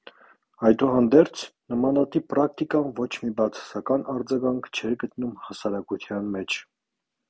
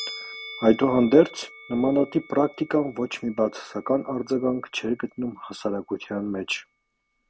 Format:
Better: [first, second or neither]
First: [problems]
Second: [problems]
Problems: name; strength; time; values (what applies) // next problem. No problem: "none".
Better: first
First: none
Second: background sound (Musical instrument); 19 dB below the speech